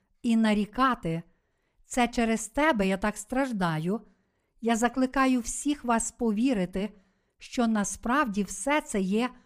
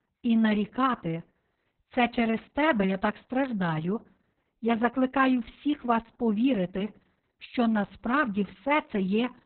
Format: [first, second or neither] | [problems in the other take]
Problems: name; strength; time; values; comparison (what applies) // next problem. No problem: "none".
first | garbled, watery; badly; nothing above 4 kHz